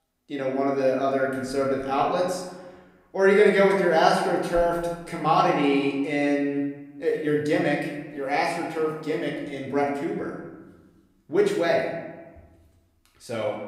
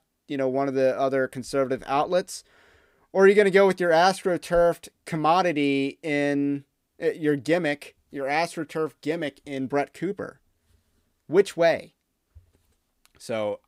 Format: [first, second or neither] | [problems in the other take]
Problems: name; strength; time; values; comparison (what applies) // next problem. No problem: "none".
second | room echo; noticeable; dies away in 1 s // off-mic speech; far